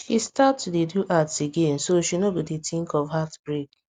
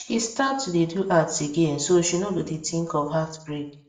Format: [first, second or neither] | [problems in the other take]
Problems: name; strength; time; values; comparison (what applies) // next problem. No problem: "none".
first | room echo; dies away in 0.5 s